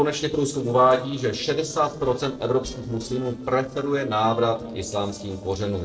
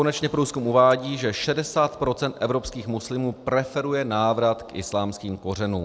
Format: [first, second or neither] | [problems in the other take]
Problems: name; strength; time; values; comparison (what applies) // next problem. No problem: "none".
second | noise reduction (neural separator model SepFormer DNS4)